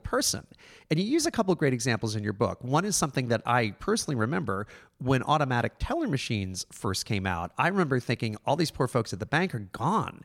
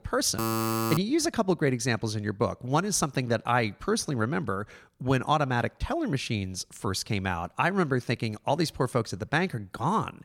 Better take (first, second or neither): first